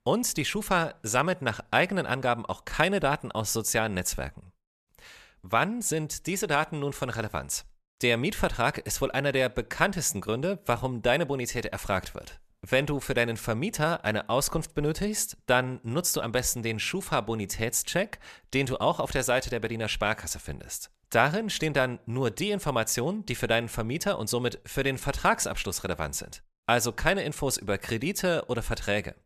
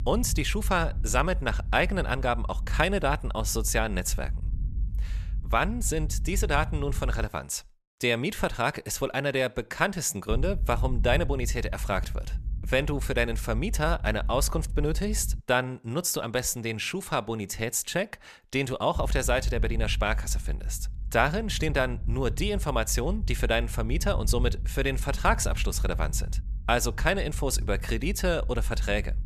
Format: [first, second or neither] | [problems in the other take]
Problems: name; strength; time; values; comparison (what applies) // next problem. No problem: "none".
first | low rumble; faint; until 7.5 s, from 10 to 15 s and from 19 s on; 25 dB below the speech